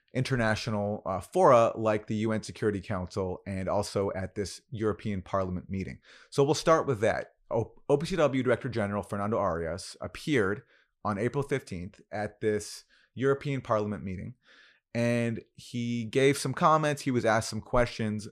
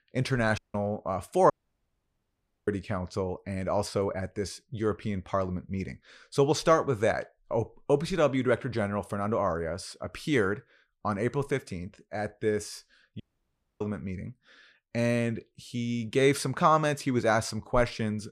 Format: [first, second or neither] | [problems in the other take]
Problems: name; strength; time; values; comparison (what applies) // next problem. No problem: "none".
first | audio cutting out; at 0.5 s, at 1.5 s for 1 s and at 13 s for 0.5 s